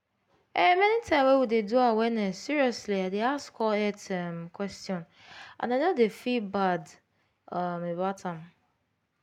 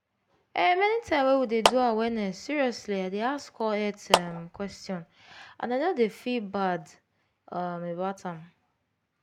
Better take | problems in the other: first | background sound (Clapping); 1 dB below the speech

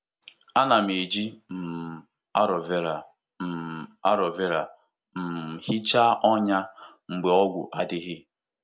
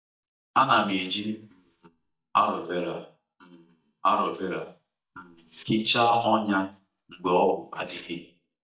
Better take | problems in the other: first | noise reduction (neural mask model DeepFilterNet 3)

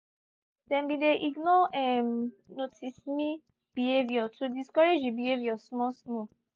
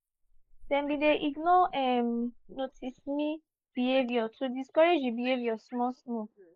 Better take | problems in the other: first | noise reduction (neural mask model Resemble Enhance denoiser)

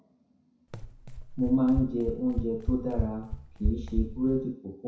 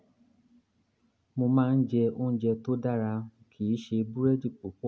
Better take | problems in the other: second | background sound (Run); 3 dB below the speech // room echo; dies away in 0.6 s

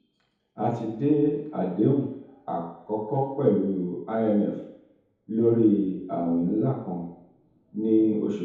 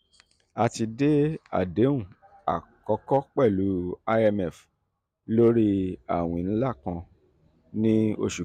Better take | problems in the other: second | room echo; dies away in 2 s

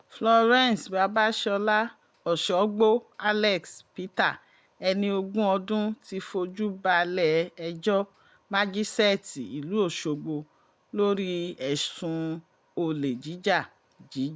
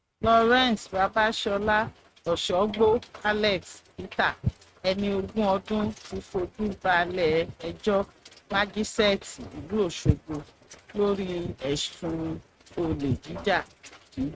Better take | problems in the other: first | noise reduction (neural mask model RNNoise)

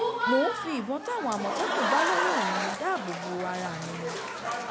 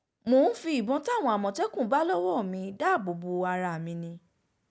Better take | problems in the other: second | background sound (Applause / Crowd); 1 dB above the speech

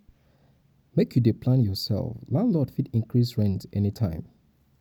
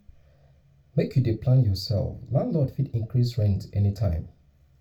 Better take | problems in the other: first | room echo; dies away in 0.2 s

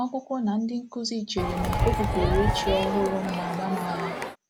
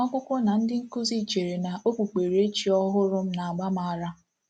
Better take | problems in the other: second | background sound (Crowd); 1 dB above the speech

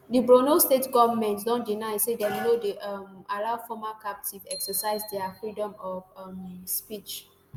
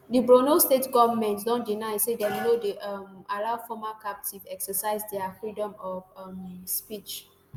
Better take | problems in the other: second | background sound (Bicycle bell); 19 dB below the speech

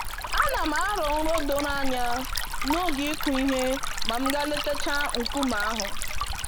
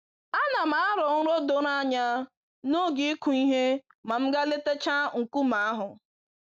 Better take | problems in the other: second | background sound (Stream); as loud as the speech

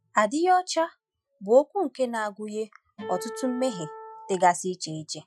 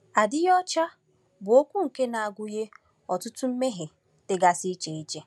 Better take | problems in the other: second | noise reduction (classical method Wiener filter)

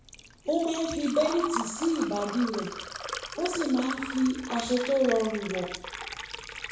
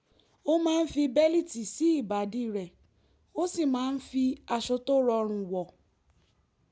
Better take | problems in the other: second | background sound (Liquid); 9 dB below the speech // room echo; dies away in 0.6 s

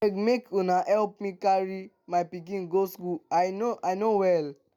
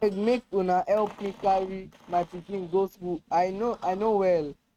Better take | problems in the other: first | noise reduction (neural mask model RNNoise)

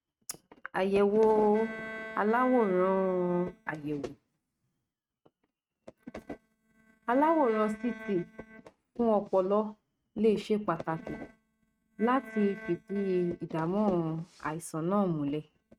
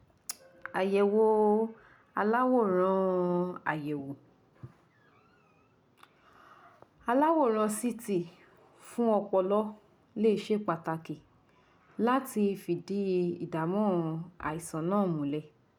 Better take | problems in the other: second | noise reduction (neural mask model RNNoise)

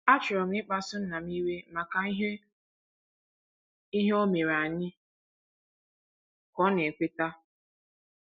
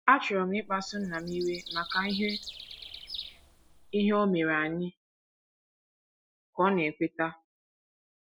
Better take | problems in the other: first | background sound (Bird vocalization, bird call, bird song); 12 dB below the speech

